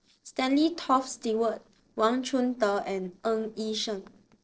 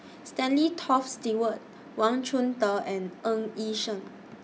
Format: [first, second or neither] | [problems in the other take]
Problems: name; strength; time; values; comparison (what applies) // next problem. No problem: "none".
second | noise reduction (neural separator model SepFormer DNS4)